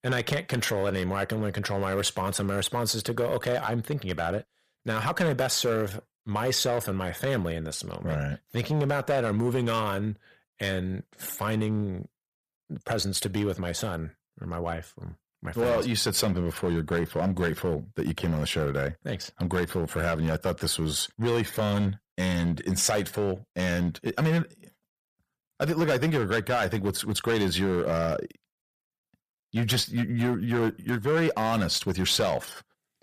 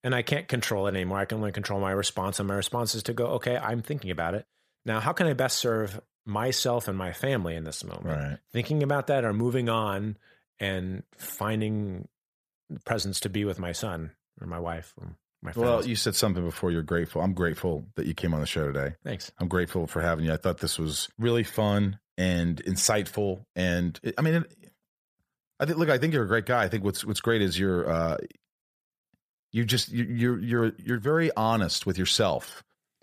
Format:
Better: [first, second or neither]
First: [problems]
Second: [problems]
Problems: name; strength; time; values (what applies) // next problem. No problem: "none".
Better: second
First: distortion; slight; 6% of the sound clipped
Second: none